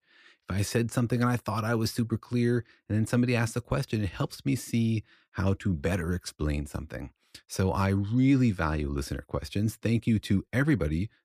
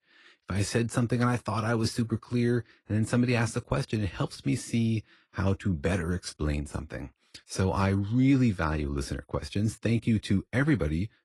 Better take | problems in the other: first | garbled, watery; slightly; nothing above 11 kHz

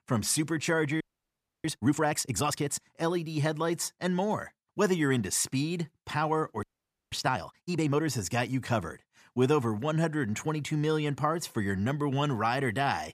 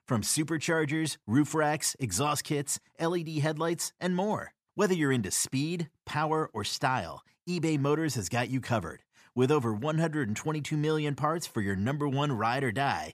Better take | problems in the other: second | audio freezing; at 1 s for 0.5 s and at 6.5 s

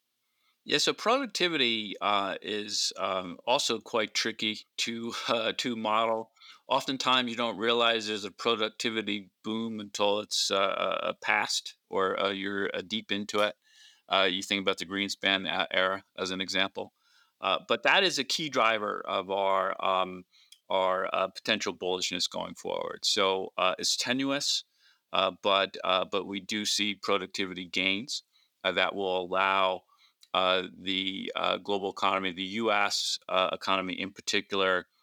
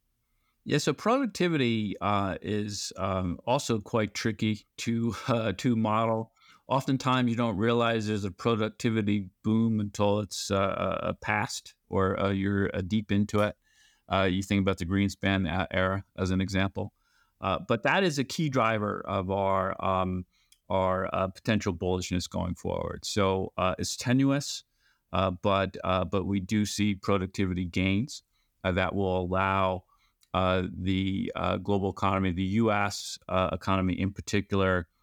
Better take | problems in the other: second | thin; somewhat; fading below 350 Hz

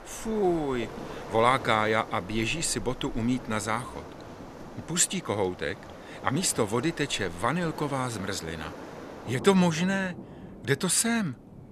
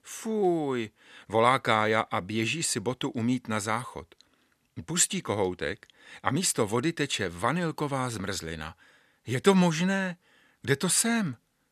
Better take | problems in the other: second | rain or running water; noticeable; throughout; 15 dB below the speech

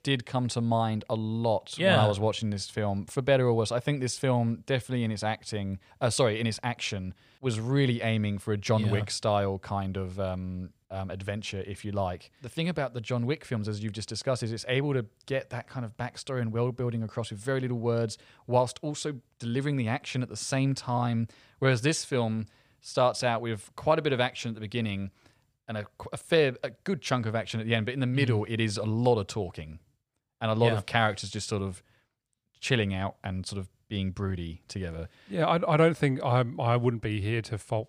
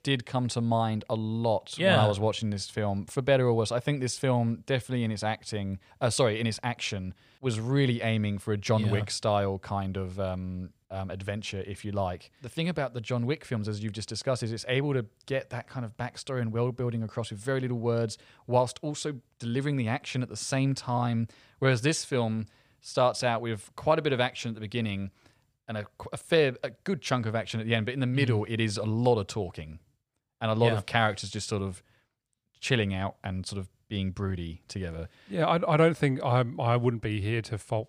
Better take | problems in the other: neither | none

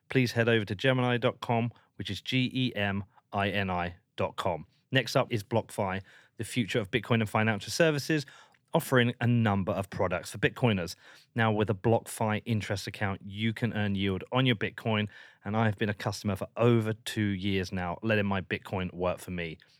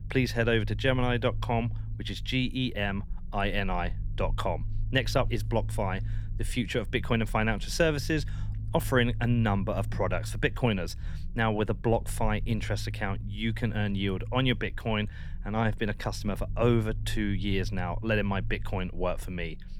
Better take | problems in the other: first | low rumble; faint; throughout; 20 dB below the speech

